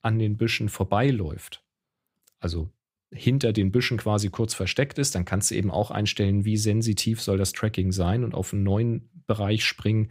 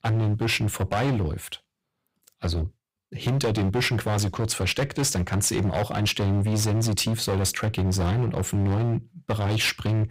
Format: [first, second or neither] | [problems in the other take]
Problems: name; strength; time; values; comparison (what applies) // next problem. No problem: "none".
first | distortion; heavy; 21% of the sound clipped